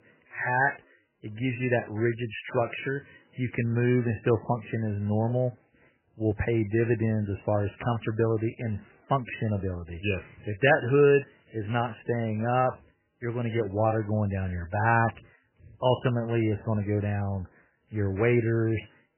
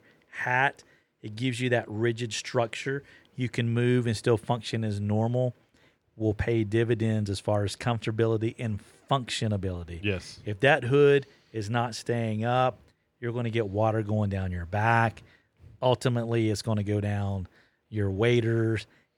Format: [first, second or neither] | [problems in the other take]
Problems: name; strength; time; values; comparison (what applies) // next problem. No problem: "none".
second | garbled, watery; badly; nothing above 3 kHz